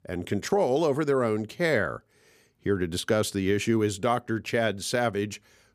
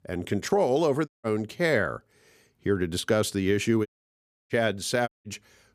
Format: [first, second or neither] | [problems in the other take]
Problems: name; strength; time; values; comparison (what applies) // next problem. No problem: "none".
first | audio cutting out; at 1 s, at 4 s for 0.5 s and at 5 s